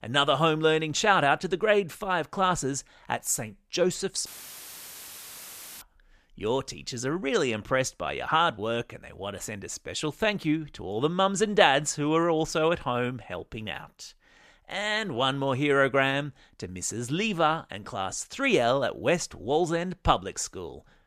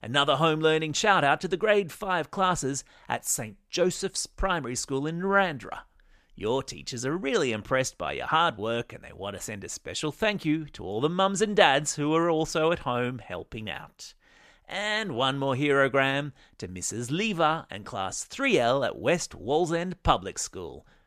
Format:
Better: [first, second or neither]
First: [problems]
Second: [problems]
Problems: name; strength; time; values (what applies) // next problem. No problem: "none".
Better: second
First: audio cutting out; filled with static; at 4.5 s for 1.5 s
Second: none